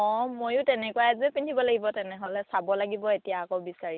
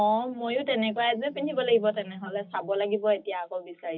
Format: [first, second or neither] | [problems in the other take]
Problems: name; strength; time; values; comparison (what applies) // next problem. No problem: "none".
first | noise reduction (classical method WPE with log-MMSE)